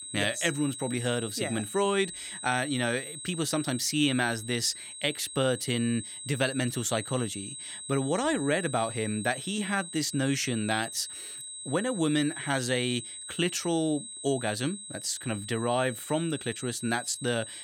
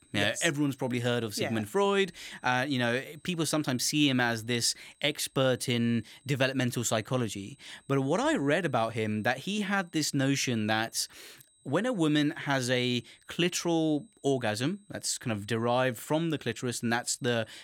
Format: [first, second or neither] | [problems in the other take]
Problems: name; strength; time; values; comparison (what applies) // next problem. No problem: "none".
second | high-pitched whine; loud; throughout; 8 kHz, 9 dB below the speech; faint in the second